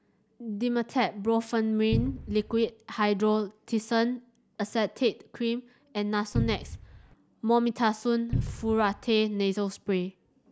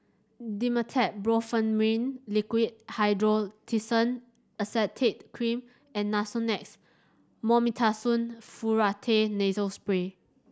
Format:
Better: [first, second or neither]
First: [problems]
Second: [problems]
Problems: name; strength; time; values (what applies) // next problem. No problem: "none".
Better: second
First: background sound (Cupboard open or close); 4 dB below the speech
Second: none